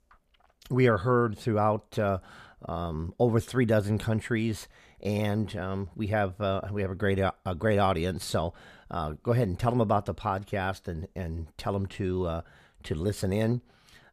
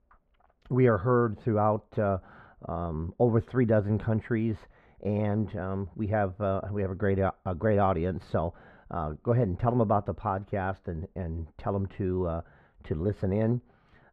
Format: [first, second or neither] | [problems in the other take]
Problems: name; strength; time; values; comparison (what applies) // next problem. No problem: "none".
first | muffled; very; fading above 3.5 kHz